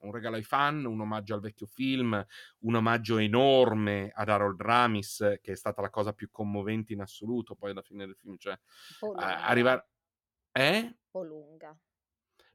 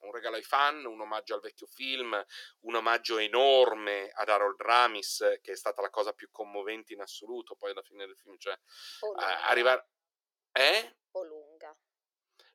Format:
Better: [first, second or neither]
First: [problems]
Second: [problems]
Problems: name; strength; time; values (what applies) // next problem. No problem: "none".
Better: first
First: none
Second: thin; very; fading below 400 Hz